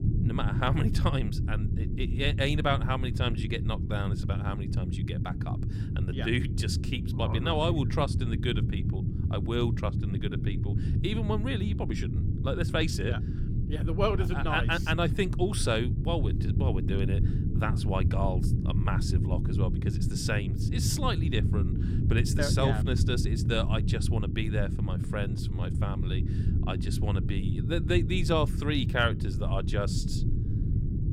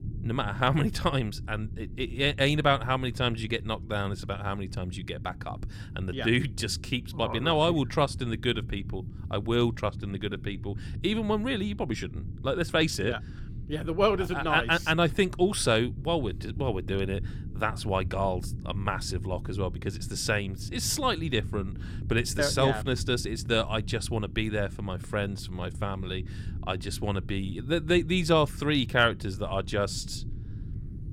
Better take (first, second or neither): second